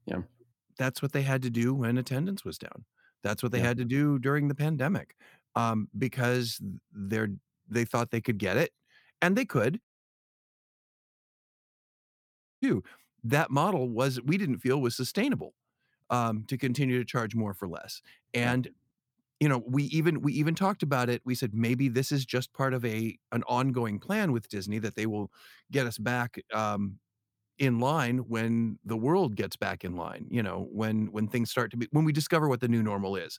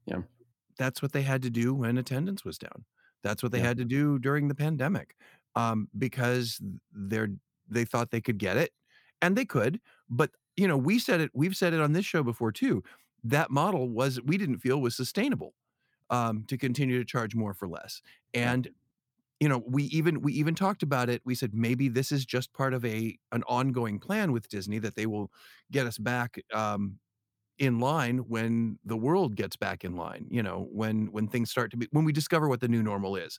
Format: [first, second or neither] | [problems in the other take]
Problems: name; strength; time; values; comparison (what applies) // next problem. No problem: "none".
second | audio cutting out; at 10 s for 3 s